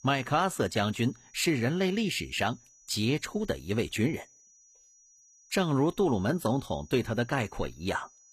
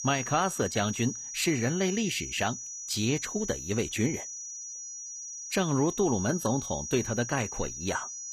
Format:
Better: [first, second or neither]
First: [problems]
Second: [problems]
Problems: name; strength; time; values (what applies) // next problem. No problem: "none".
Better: first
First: high-pitched whine; faint; throughout; 6 kHz, 25 dB below the speech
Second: high-pitched whine; loud; throughout; 6 kHz, 6 dB below the speech